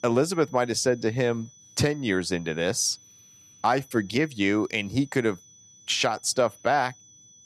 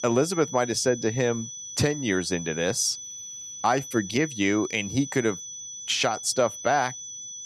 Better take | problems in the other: first | high-pitched whine; loud; throughout; 6 kHz, 10 dB below the speech; faint in the first

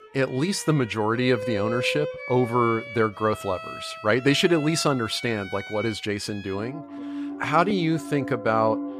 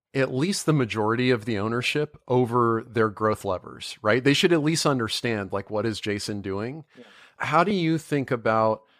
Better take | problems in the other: second | background music; noticeable; throughout; 10 dB below the speech

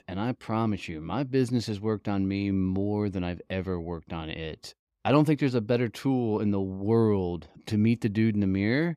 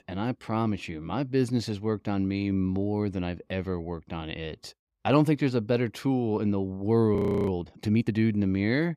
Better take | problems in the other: first | audio freezing; at 7 s

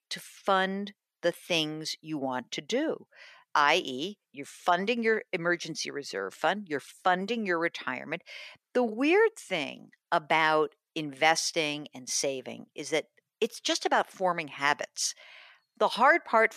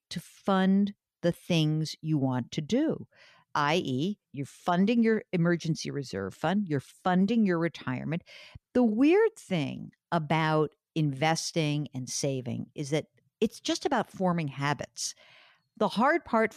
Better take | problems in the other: second | thin; somewhat; fading below 450 Hz

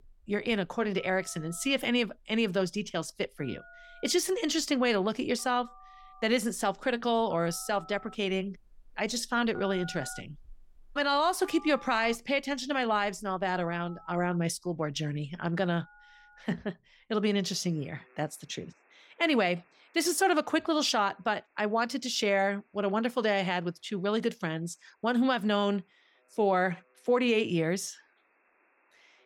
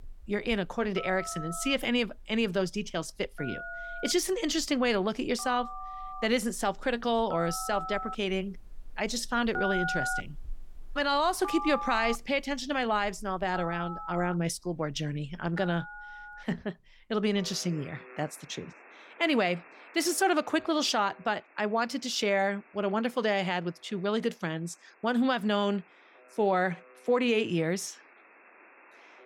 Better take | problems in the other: first | alarms or sirens; loud; throughout; 10 dB below the speech; faint in the first

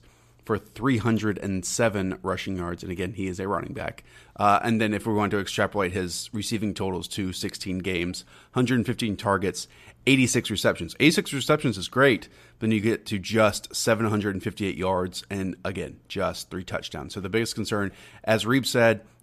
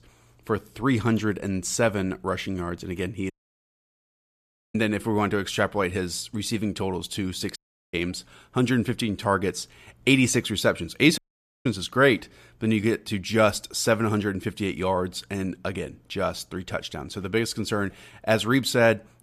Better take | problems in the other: first | audio cutting out; at 3.5 s for 1.5 s, at 7.5 s and at 11 s

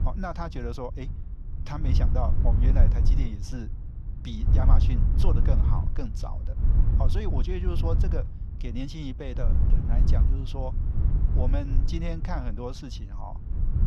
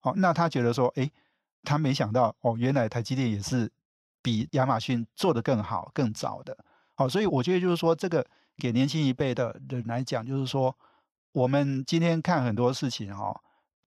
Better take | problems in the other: second | wind noise on the microphone; heavy; 4 dB below the speech

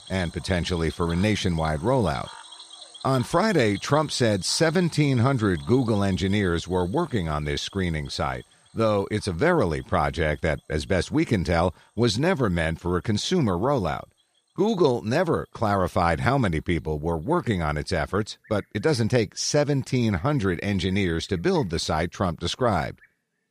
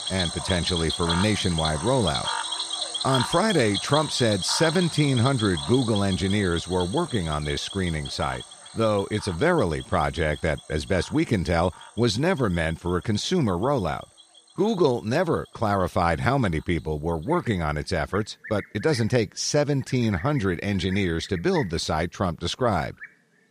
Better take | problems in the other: first | animal sounds; loud; throughout; 7 dB below the speech; faint in the first

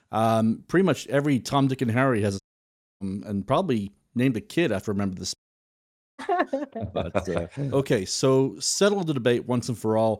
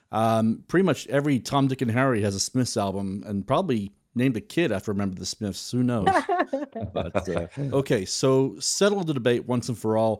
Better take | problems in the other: second | audio cutting out; at 2.5 s for 0.5 s and at 5.5 s for 1 s

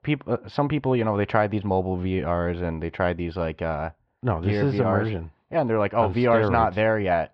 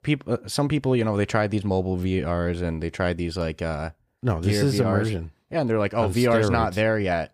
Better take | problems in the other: second | muffled; very; fading above 3.5 kHz

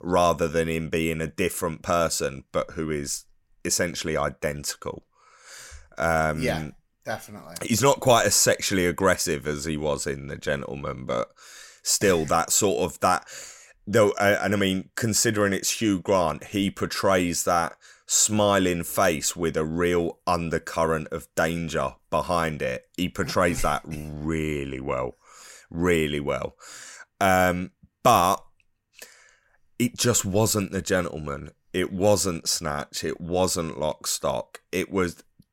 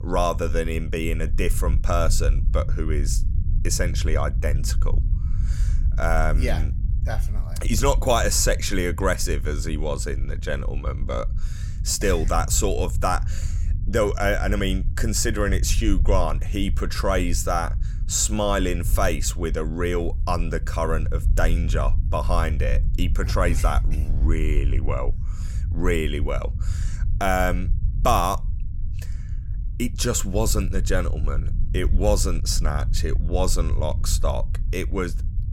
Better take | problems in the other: first | low rumble; noticeable; throughout; 20 dB below the speech

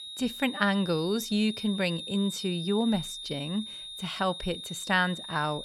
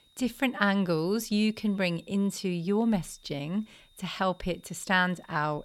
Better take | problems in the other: second | high-pitched whine; loud; throughout; 3.5 kHz, 8 dB below the speech; faint in the second

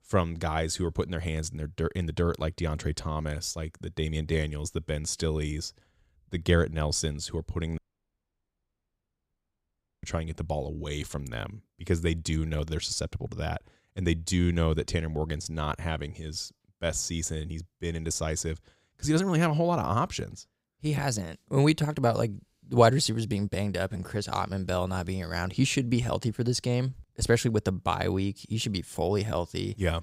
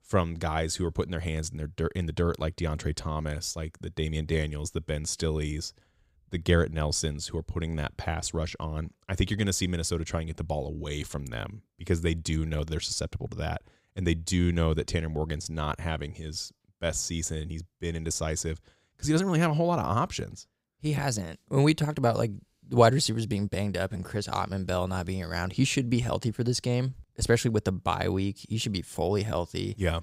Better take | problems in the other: second | audio cutting out; at 8 s for 2 s

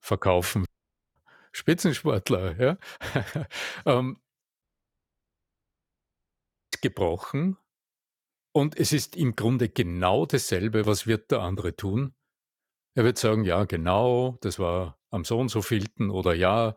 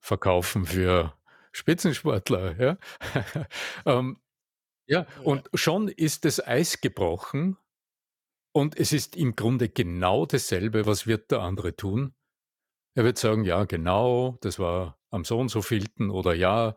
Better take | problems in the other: second | audio cutting out; at 0.5 s and at 4.5 s for 2 s

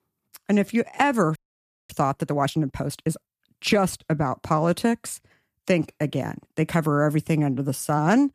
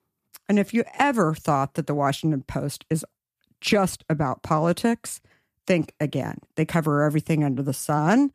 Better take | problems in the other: second | audio freezing; at 1.5 s for 0.5 s

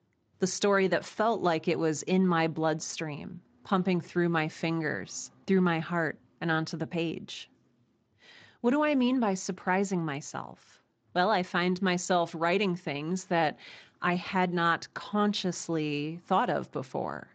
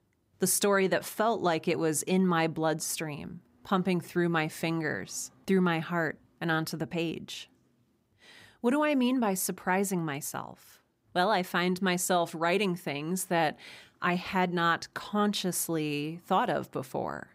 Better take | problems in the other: second | garbled, watery; slightly; nothing above 7.5 kHz

